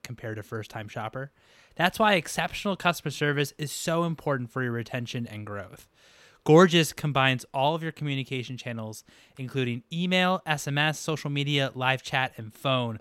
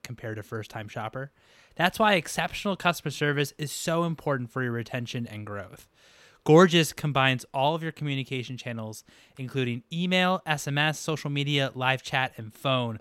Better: neither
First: none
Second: none

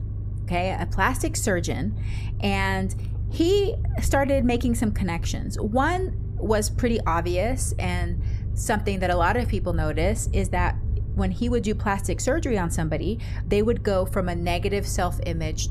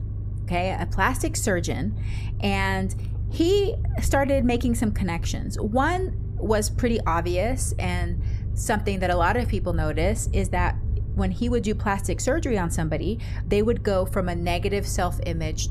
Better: neither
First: low rumble; noticeable; throughout; 20 dB below the speech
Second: low rumble; noticeable; throughout; 20 dB below the speech

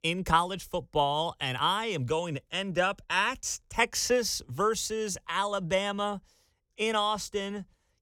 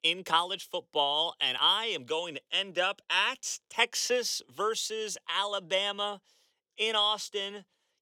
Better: first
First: none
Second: thin; somewhat; fading below 350 Hz

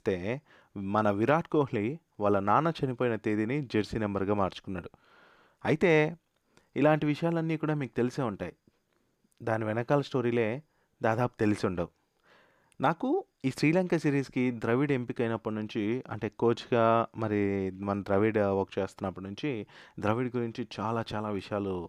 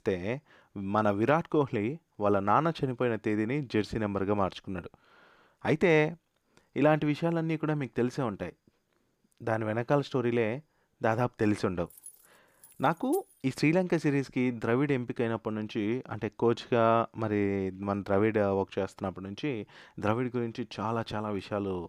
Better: first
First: none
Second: jangling keys; faint; from 12 to 13 s; peak 20 dB below the speech

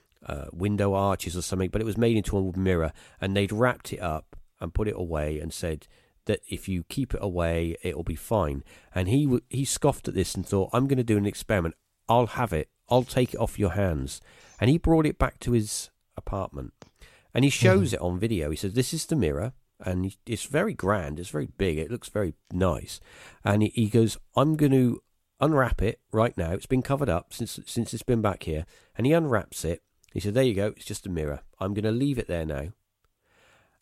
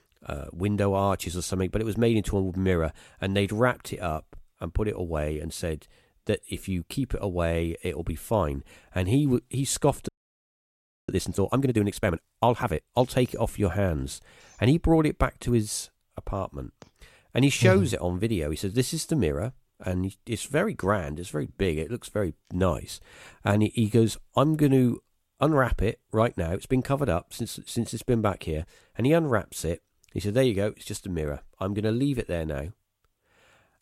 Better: first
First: none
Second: audio freezing; at 10 s for 1 s

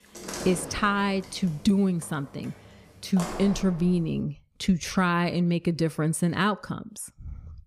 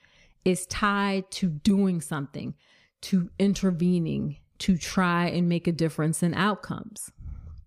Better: second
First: door banging; noticeable; until 4 s; peak 8 dB below the speech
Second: none

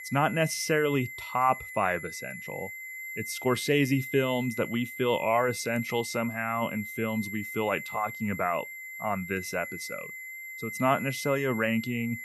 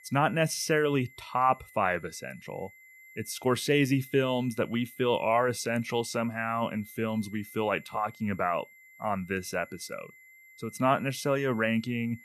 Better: second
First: high-pitched whine; loud; throughout; 2 kHz, 9 dB below the speech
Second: high-pitched whine; faint; throughout; 2 kHz, 25 dB below the speech

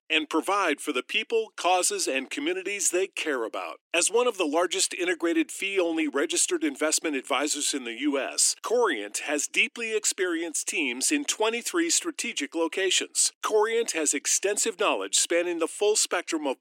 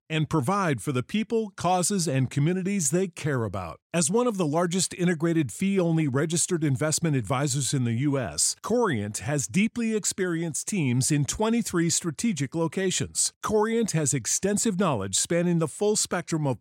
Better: second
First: thin; somewhat; fading below 300 Hz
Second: none

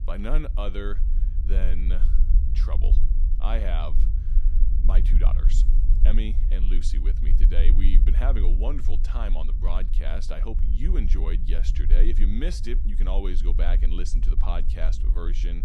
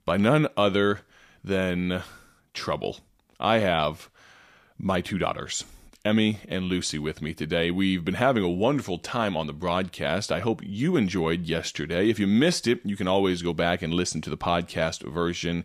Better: second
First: low rumble; loud; throughout; 9 dB below the speech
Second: none

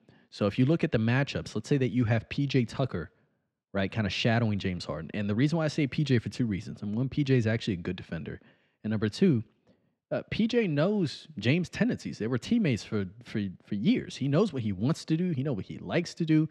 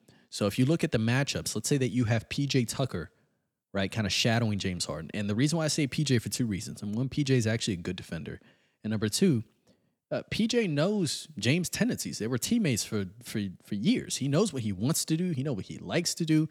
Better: second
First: muffled; slightly; fading above 3 kHz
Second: none

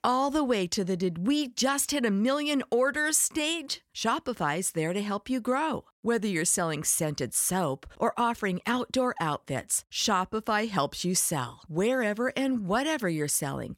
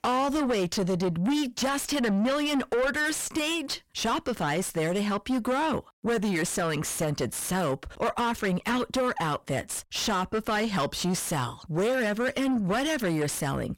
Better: first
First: none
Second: distortion; heavy; 5 dB below the speech

